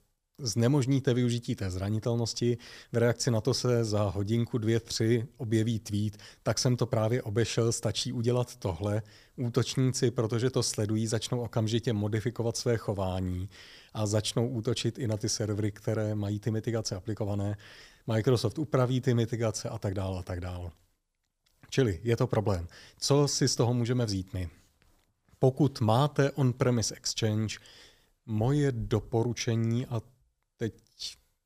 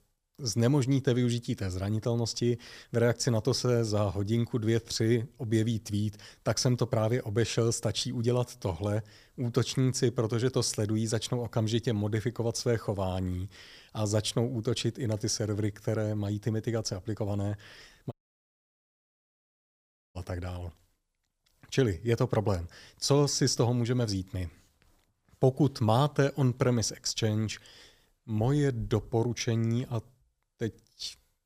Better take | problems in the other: first | audio cutting out; at 18 s for 2 s

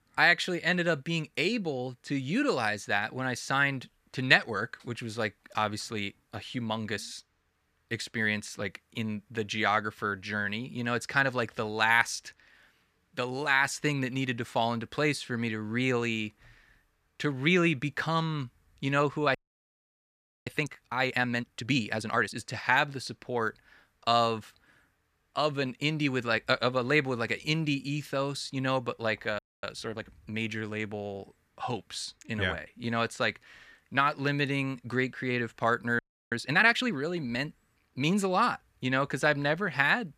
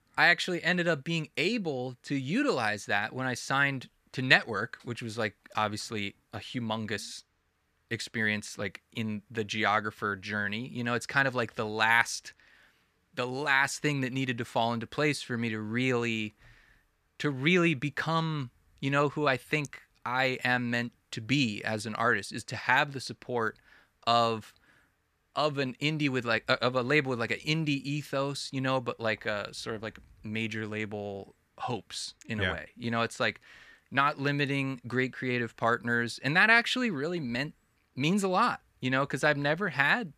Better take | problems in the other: second | audio freezing; at 19 s for 1 s, at 29 s and at 36 s

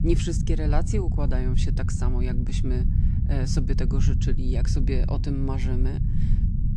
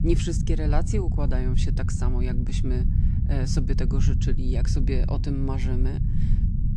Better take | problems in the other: neither | low rumble; loud; throughout; 5 dB below the speech; the same in both

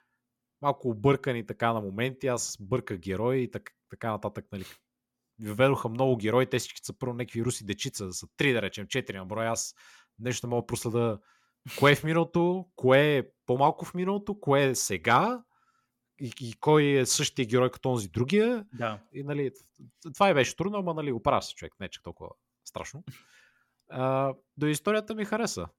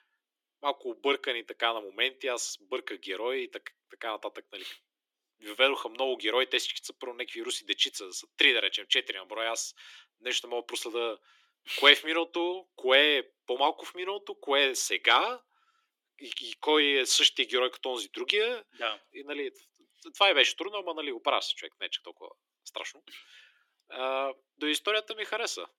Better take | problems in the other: first | thin; somewhat; fading below 300 Hz

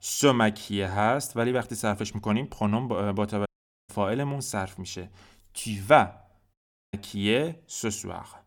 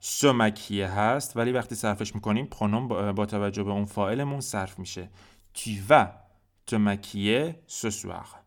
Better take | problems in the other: second | audio cutting out; at 3.5 s and at 6.5 s

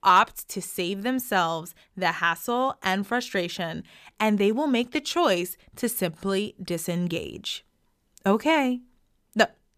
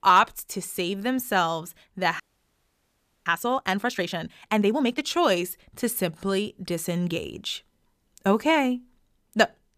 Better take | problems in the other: first | audio freezing; at 2 s for 1 s

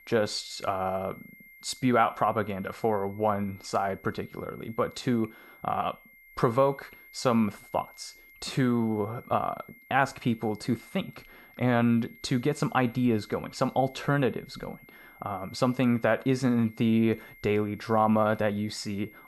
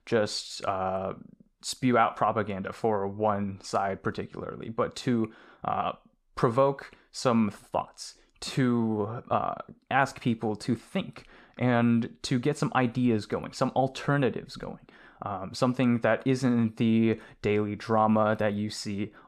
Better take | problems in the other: second | high-pitched whine; faint; throughout; 2 kHz, 25 dB below the speech

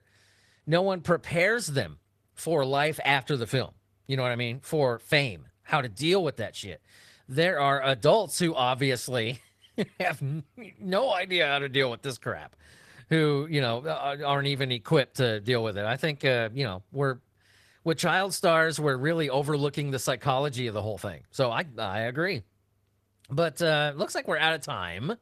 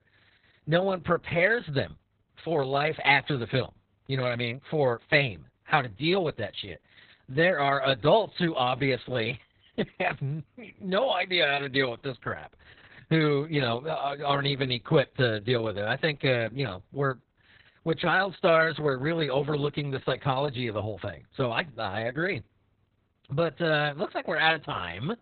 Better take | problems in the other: first | garbled, watery; badly; nothing above 4 kHz; slightly in the first

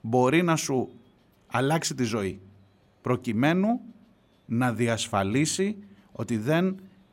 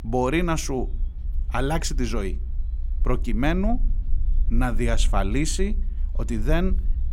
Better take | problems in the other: first | low rumble; faint; throughout; 25 dB below the speech

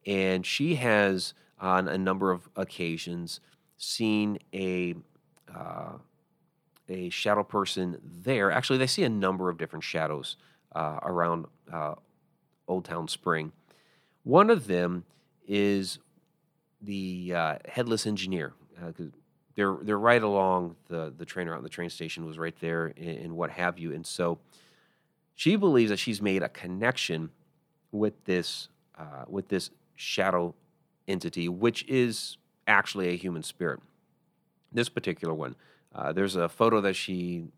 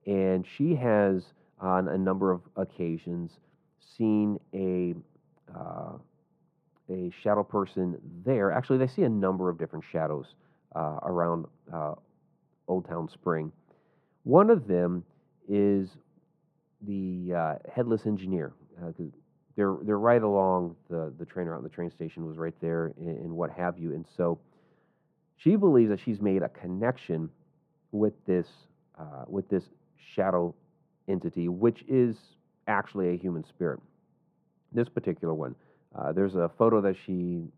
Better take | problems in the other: first | muffled; very; fading above 2.5 kHz

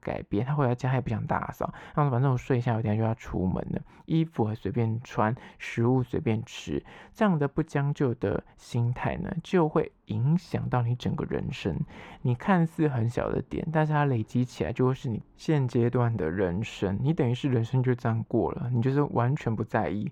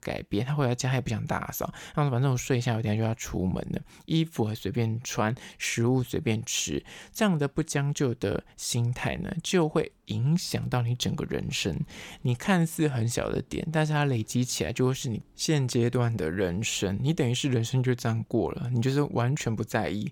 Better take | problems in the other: second | muffled; very; fading above 3 kHz

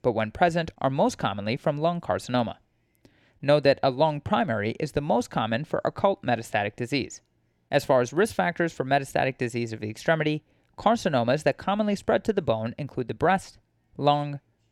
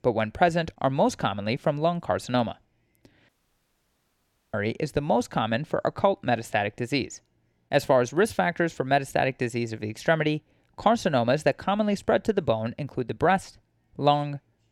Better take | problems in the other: first | audio cutting out; at 3.5 s for 1 s

